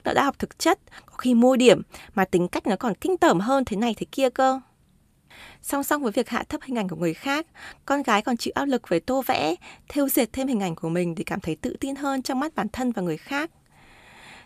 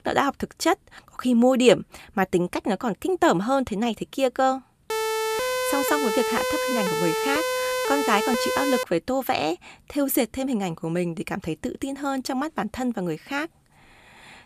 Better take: first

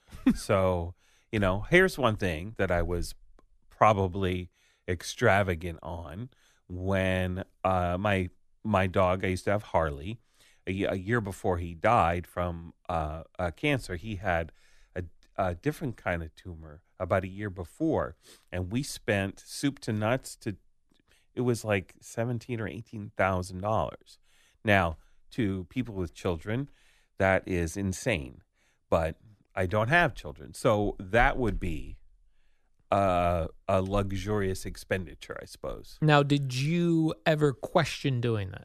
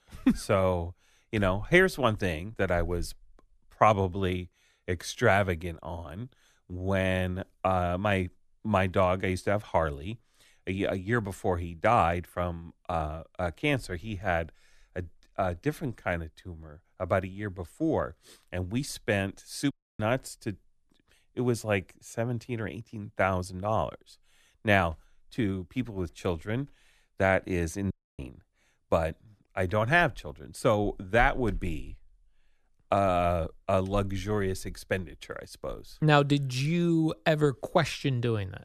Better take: first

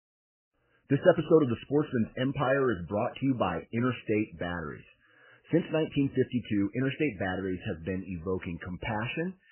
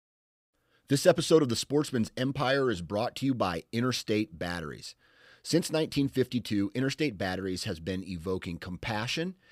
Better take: second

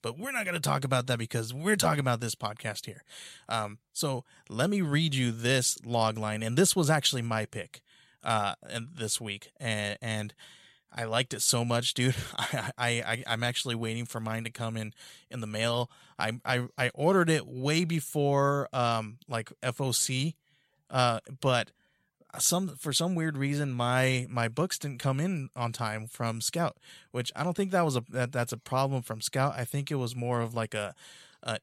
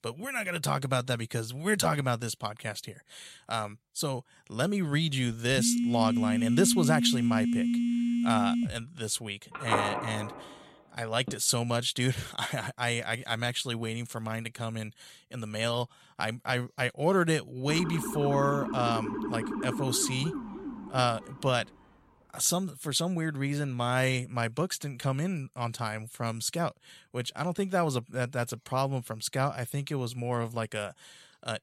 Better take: first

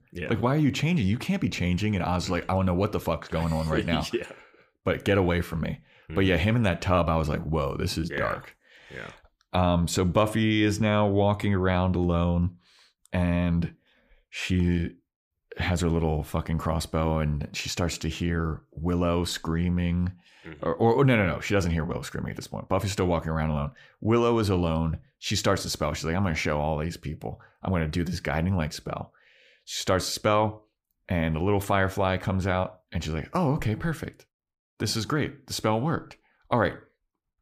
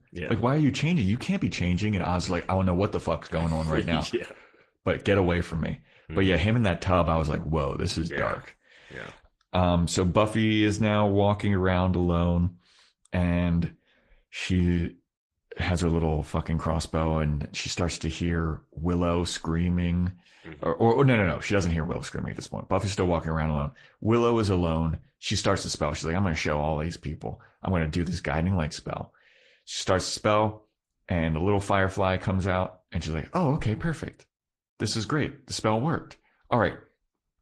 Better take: first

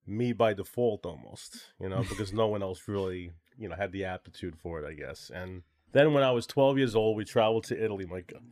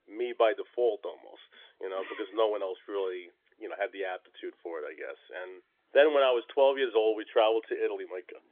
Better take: first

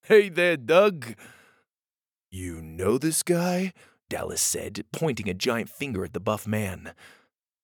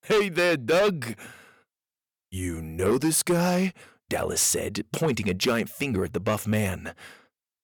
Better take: first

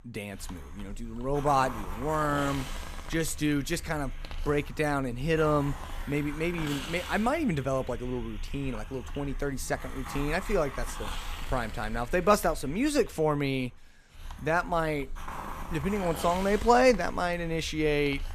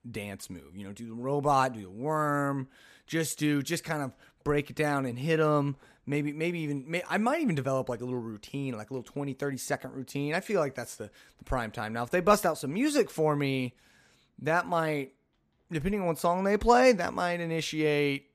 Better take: second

